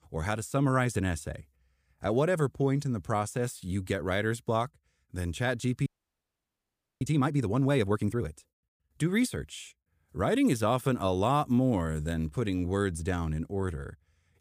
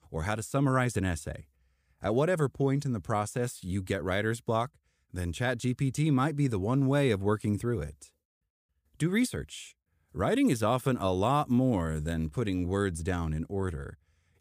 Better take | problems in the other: second | audio freezing; at 6 s for 1 s

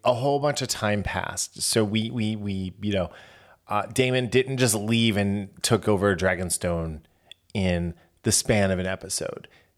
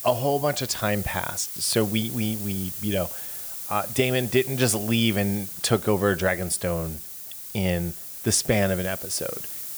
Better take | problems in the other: first | hiss; loud; throughout; 7 dB below the speech

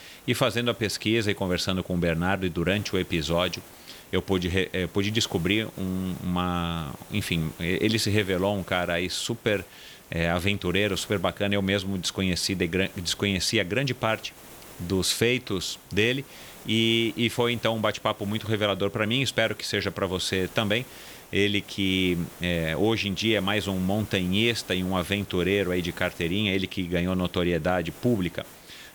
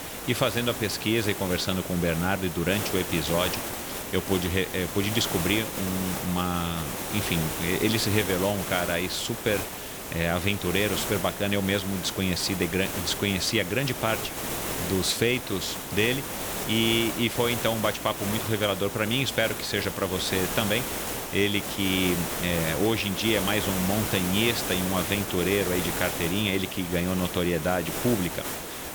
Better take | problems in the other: first | hiss; loud; throughout; 4 dB below the speech; faint in the first

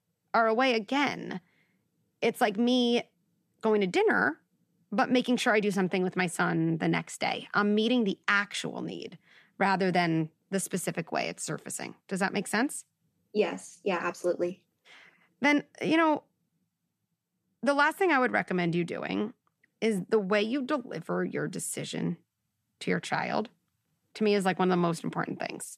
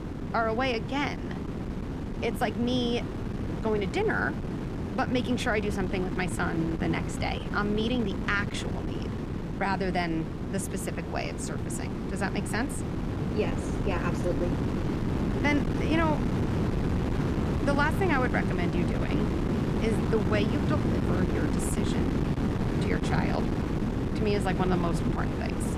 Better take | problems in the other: first | wind noise on the microphone; heavy; 4 dB below the speech

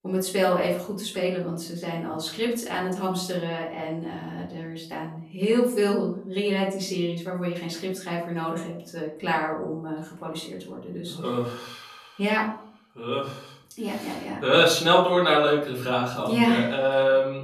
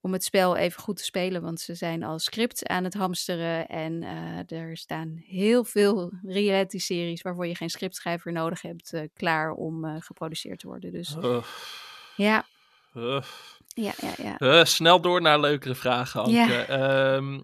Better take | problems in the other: second | off-mic speech; far // room echo; slight; dies away in 0.5 s

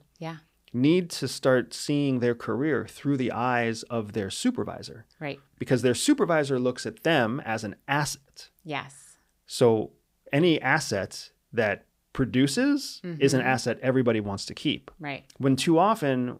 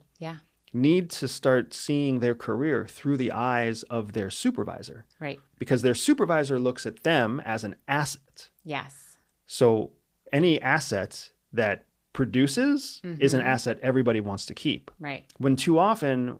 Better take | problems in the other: first | garbled, watery; slightly; nothing above 15.5 kHz

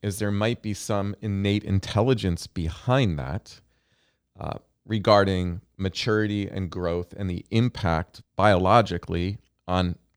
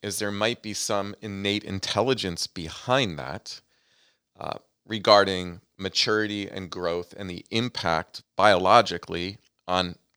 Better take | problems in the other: first | thin; somewhat; fading below 500 Hz

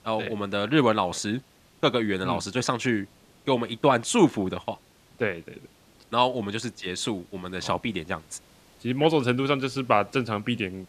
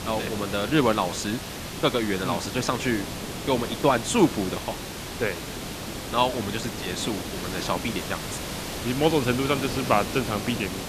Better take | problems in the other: first | hiss; loud; throughout; 6 dB below the speech; faint in the first

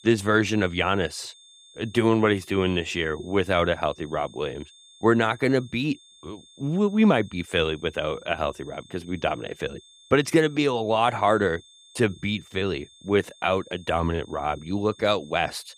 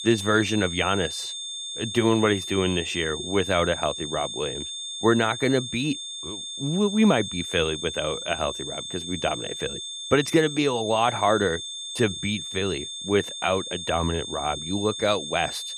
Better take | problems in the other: first | high-pitched whine; loud; throughout; 3.5 kHz, 7 dB below the speech; faint in the first

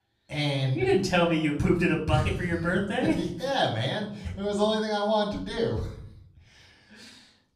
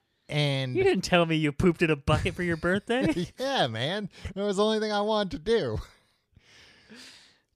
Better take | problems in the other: second | off-mic speech; far // room echo; slight; dies away in 0.5 s

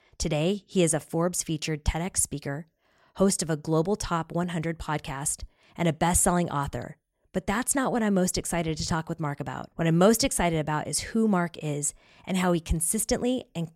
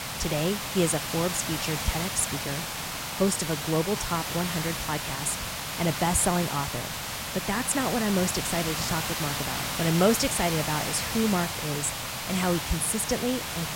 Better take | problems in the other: first | hiss; loud; throughout; 2 dB below the speech

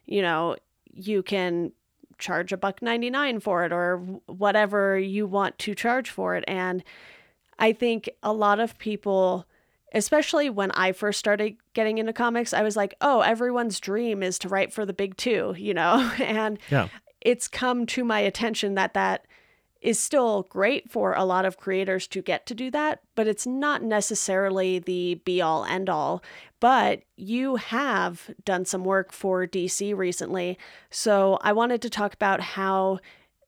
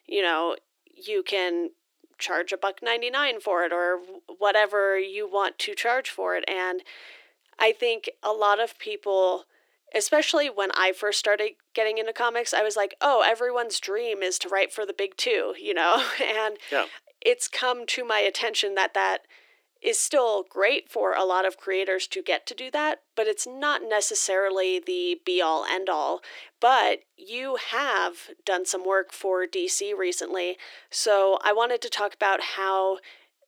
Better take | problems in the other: first | thin; very; fading below 300 Hz

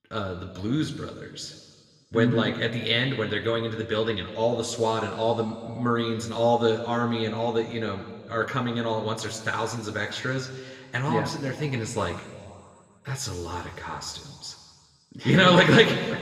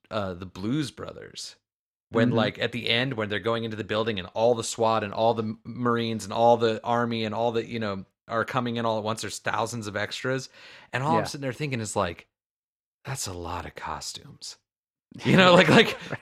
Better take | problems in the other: second | room echo; slight; dies away in 1.8 s

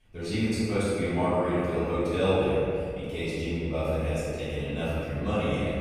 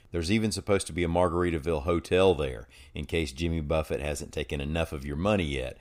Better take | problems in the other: second | off-mic speech; far // room echo; strong; dies away in 2.3 s

